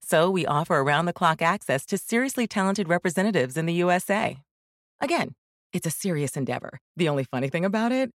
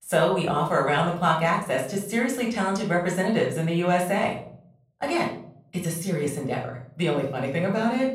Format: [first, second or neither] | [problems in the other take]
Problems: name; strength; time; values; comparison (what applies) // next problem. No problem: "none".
first | off-mic speech; somewhat distant // room echo; slight; dies away in 0.5 s